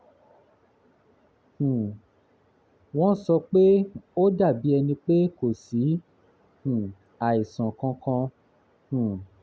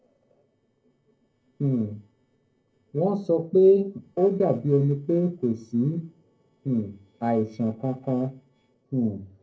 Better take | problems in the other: first | noise reduction (neural separator model SepFormer DNS4)

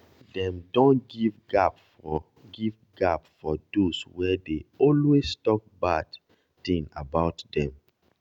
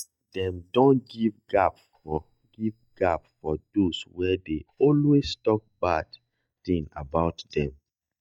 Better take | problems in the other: first | noise reduction (neural mask model DeepFilterNet 3)

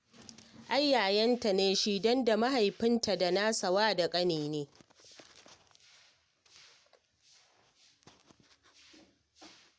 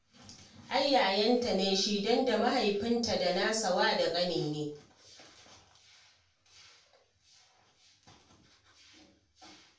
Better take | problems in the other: first | room echo; dies away in 0.3 s

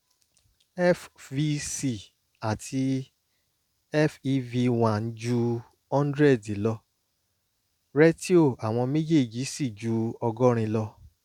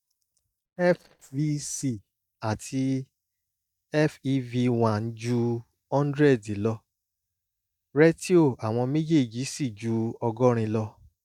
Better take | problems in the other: first | noise reduction (neural mask model DeepFilterNet 3)

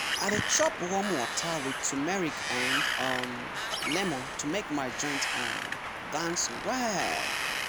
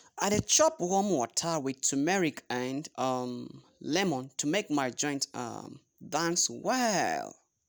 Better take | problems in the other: second | background sound (Wind); as loud as the speech

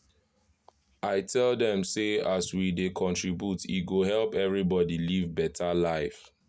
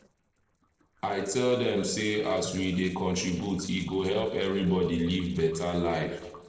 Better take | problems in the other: first | noise reduction (neural separator model SepFormer DNS4)

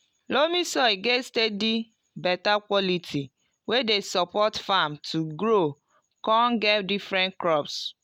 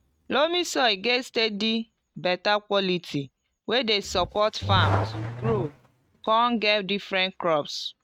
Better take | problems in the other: first | noise reduction (neural mask model RNNoise)

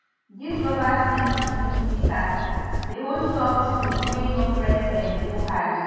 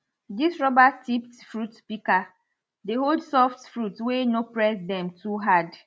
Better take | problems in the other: second | background sound (Trickle, dribble / Chirp, tweet); 1 dB above the speech // room echo; dies away in 2.2 s

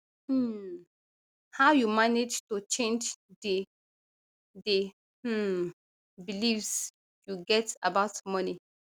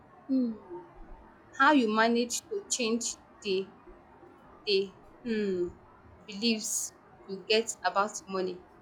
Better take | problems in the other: first | noise reduction (classical method log-MMSE)

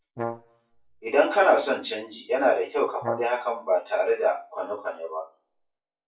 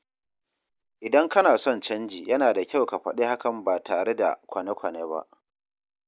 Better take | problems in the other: second | noise reduction (classical method WPE with log-MMSE)

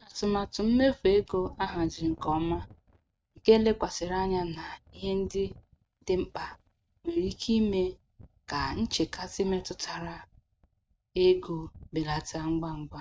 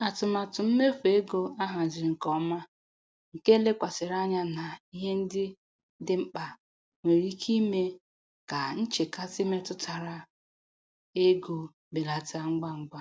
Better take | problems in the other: second | noise reduction (neural mask model RNNoise)

